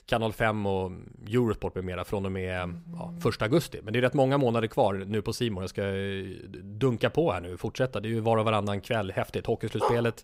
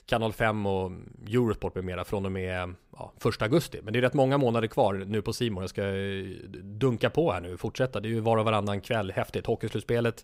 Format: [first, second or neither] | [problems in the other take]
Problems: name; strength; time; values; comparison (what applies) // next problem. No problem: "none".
second | phone ringing; faint; at 2.5 s; peak 10 dB below the speech // dog barking; noticeable; at 10 s; peak 2 dB below the speech